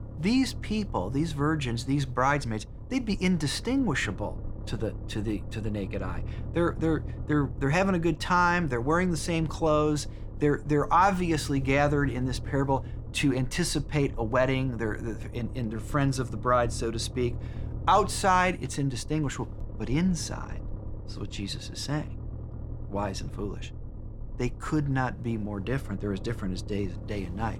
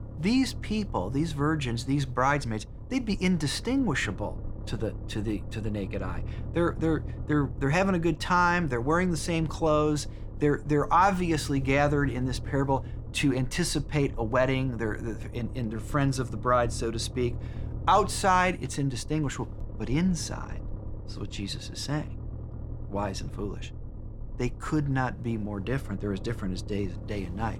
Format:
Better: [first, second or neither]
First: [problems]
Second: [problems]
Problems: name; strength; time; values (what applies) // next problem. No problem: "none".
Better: neither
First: low rumble; faint; throughout; 20 dB below the speech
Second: low rumble; faint; throughout; 20 dB below the speech